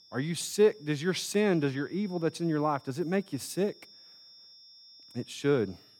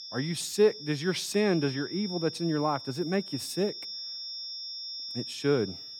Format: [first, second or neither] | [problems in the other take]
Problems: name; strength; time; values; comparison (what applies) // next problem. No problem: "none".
first | high-pitched whine; loud; throughout; 5.5 kHz, 8 dB below the speech; faint in the first